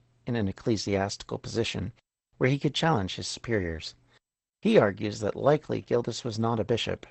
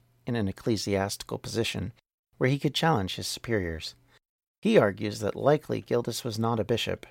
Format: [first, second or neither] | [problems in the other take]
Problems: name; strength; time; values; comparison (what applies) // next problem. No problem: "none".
second | garbled, watery; slightly; nothing above 8 kHz